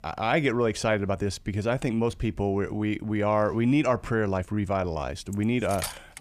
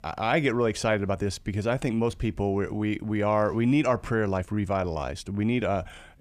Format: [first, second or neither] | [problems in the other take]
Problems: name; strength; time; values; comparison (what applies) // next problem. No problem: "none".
second | clattering dishes; noticeable; at 5.5 s; peak 8 dB below the speech